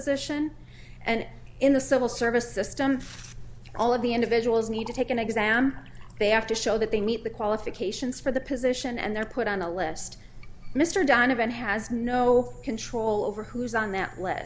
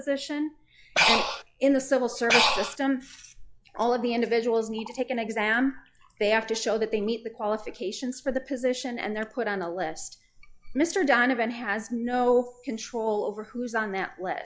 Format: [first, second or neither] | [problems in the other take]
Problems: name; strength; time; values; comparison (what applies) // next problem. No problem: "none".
first | noise reduction (classical method log-MMSE)